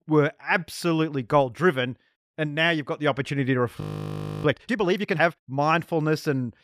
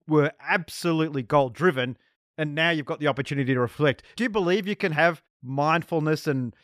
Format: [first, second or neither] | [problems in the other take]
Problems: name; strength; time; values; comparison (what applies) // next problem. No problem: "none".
second | audio freezing; at 4 s for 0.5 s